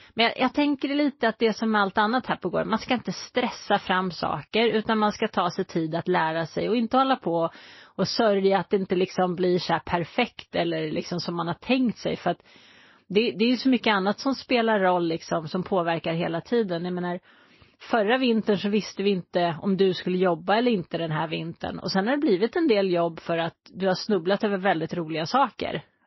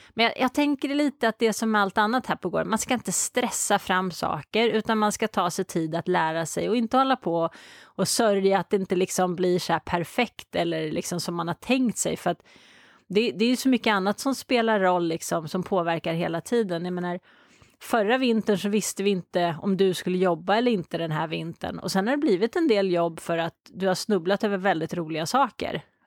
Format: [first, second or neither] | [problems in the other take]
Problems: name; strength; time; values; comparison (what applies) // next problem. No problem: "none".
second | garbled, watery; slightly; nothing above 5.5 kHz